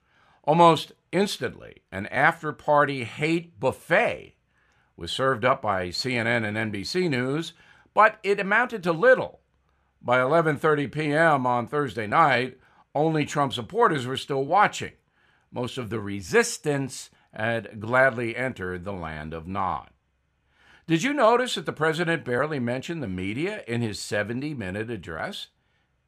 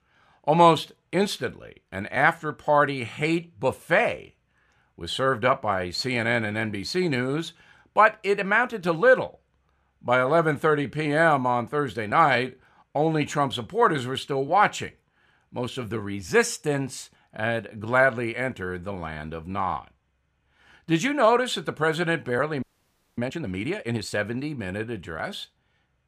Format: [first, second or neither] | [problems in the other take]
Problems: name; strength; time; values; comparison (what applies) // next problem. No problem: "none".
first | audio freezing; at 23 s for 0.5 s